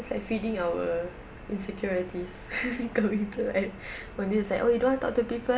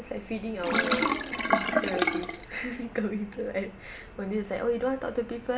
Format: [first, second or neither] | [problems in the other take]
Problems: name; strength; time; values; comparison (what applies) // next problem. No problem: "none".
first | background sound (Sink (filling or washing)); 3 dB above the speech